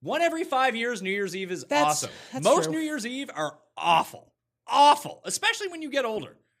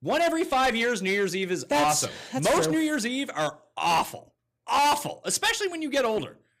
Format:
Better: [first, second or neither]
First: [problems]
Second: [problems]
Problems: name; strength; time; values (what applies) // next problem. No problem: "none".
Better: first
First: none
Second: distortion; heavy; 11% of the sound clipped